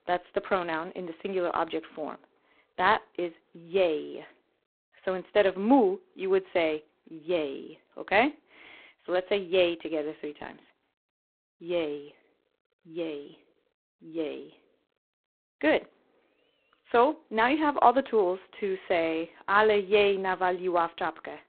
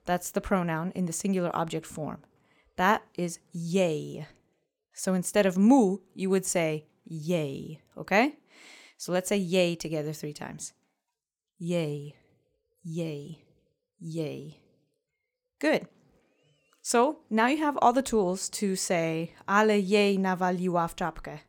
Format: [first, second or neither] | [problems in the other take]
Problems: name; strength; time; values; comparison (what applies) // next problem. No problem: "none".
second | phone-call audio; poor line; nothing above 4 kHz